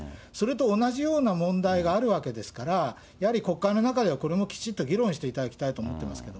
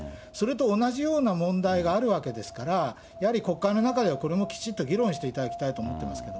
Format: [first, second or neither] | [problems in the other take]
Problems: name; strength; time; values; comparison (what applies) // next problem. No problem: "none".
first | background sound (Wind); 15 dB below the speech